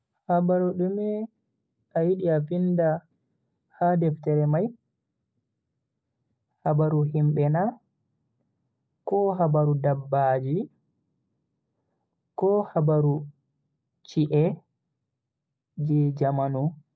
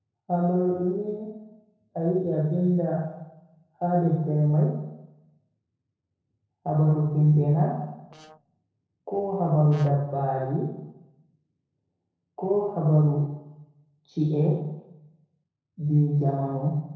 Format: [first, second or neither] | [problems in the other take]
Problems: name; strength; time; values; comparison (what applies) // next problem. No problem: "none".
first | noise reduction (neural separator model SepFormer DNS4)